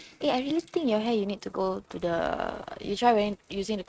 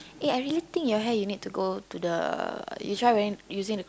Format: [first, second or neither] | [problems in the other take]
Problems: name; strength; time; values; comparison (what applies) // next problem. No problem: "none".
second | noise reduction (neural mask model RNNoise)